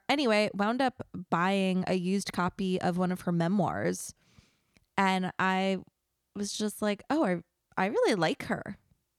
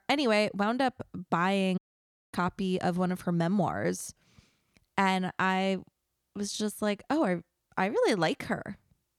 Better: first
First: none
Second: audio cutting out; at 2 s for 0.5 s

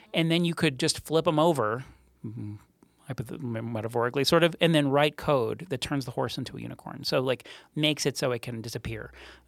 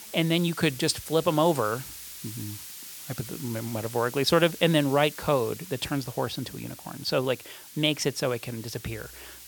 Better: first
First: none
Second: hiss; noticeable; throughout; 15 dB below the speech

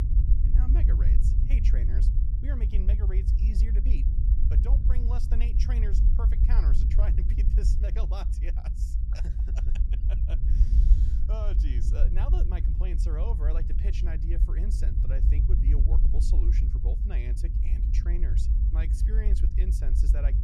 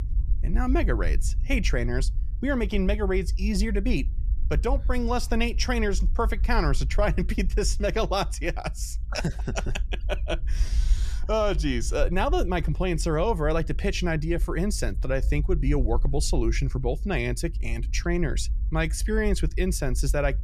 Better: second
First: low rumble; loud; throughout; 1 dB below the speech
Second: low rumble; faint; throughout; 25 dB below the speech

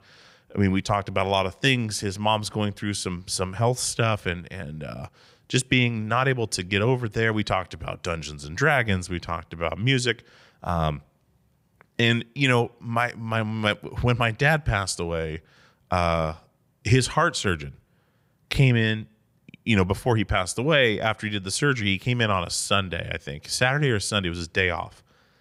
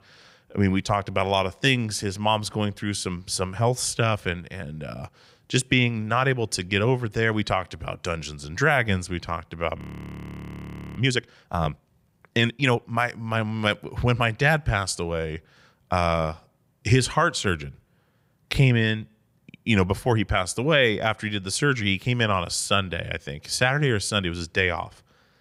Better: first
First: none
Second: audio freezing; at 10 s for 1 s

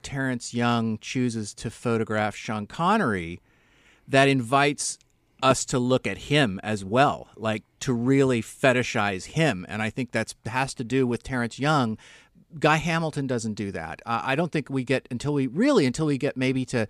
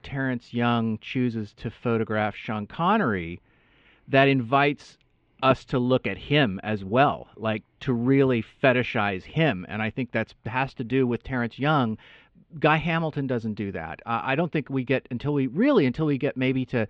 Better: first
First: none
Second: muffled; very; fading above 3 kHz

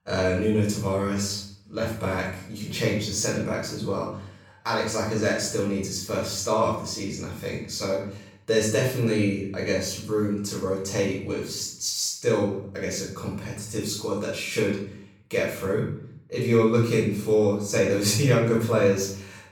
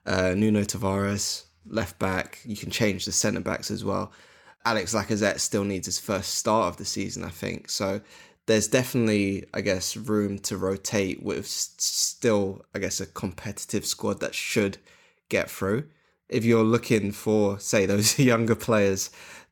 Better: second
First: off-mic speech; far // room echo; noticeable; dies away in 0.6 s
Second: none

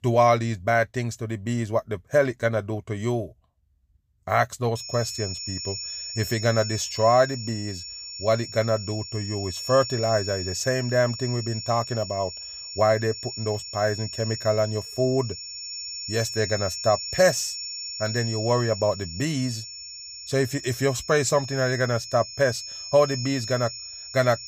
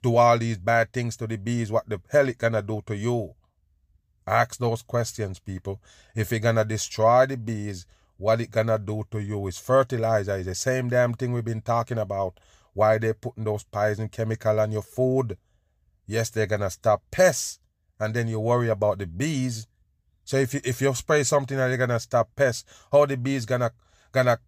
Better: second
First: high-pitched whine; loud; from 5 s on; 5.5 kHz, 8 dB below the speech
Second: none

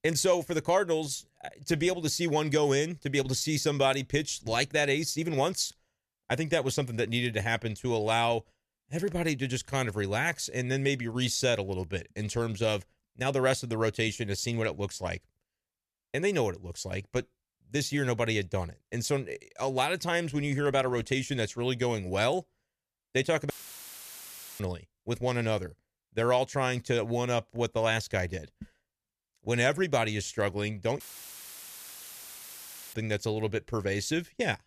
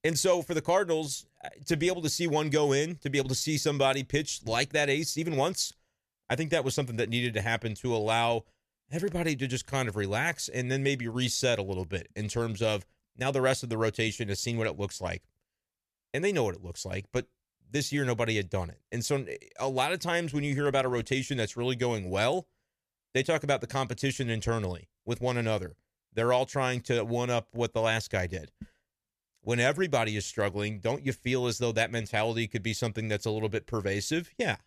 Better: second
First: audio cutting out; filled with static; at 24 s for 1 s and at 31 s for 2 s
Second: none

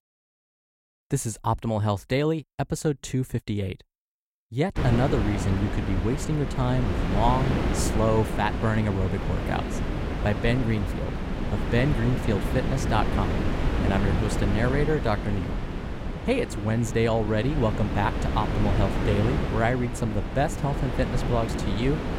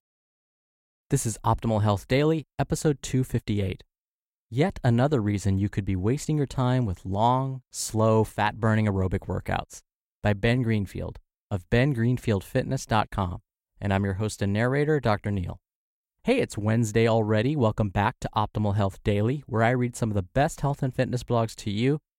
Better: second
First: wind noise on the microphone; heavy; from 5 s on; 4 dB below the speech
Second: none

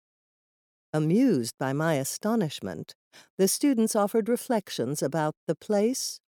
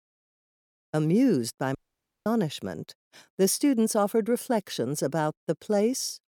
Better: first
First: none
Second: audio cutting out; at 2 s for 0.5 s

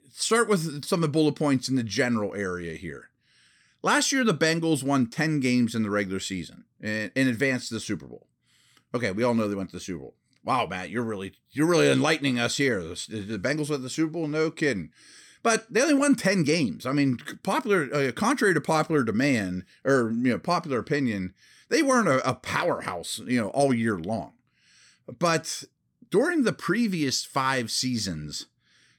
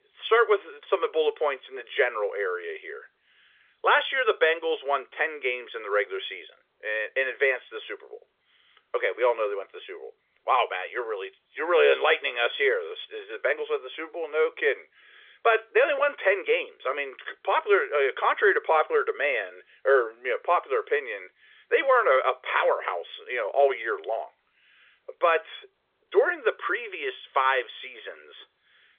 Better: first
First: none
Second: phone-call audio; nothing above 3.5 kHz

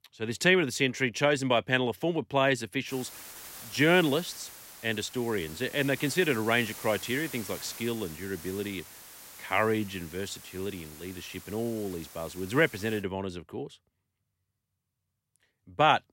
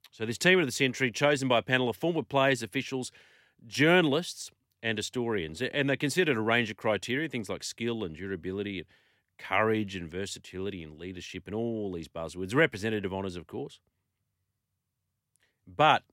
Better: second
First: hiss; noticeable; from 3 to 13 s; 15 dB below the speech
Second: none

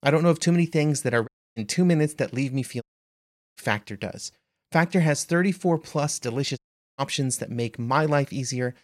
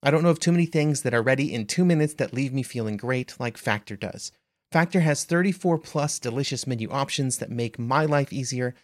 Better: second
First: audio cutting out; at 1.5 s, at 3 s for 0.5 s and at 6.5 s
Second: none

